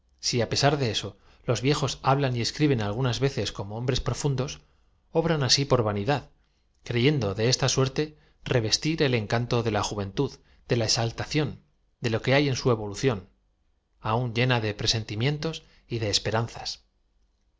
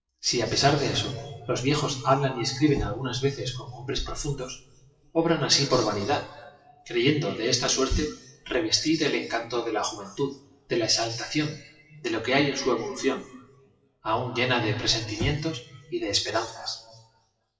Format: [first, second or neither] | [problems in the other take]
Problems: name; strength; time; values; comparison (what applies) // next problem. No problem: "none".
first | noise reduction (classical method WPE with log-MMSE)